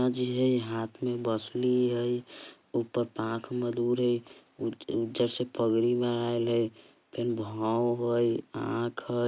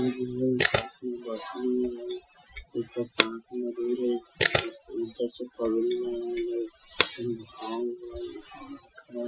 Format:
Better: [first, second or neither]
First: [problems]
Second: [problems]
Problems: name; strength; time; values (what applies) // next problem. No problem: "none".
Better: first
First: none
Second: noise reduction (classical method Wiener filter)